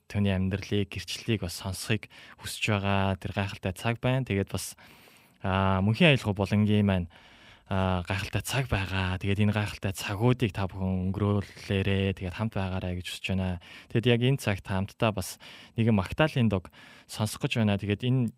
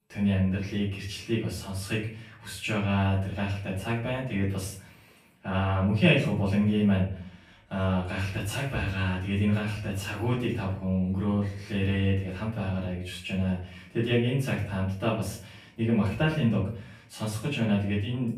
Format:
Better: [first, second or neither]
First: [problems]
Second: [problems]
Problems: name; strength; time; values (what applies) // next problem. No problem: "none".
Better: first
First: none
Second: off-mic speech; far // room echo; noticeable; dies away in 0.5 s